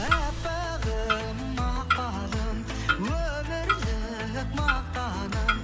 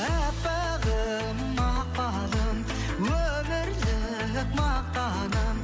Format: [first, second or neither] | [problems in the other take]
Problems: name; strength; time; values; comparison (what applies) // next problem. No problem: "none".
second | background sound (Clock); 3 dB below the speech